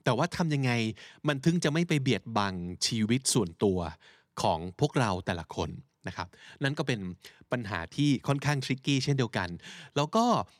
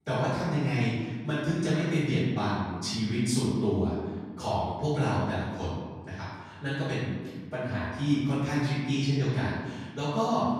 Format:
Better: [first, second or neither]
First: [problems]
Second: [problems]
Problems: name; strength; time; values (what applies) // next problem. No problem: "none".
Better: first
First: none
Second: off-mic speech; far // room echo; strong; dies away in 1.6 s